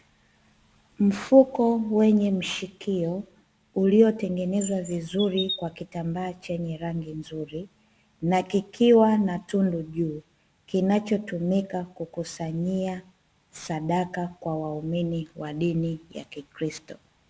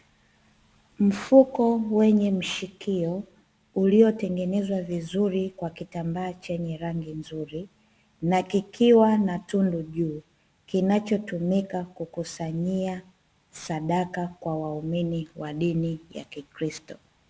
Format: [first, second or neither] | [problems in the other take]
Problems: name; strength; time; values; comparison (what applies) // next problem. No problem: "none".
second | background sound (Chirp, tweet); 11 dB below the speech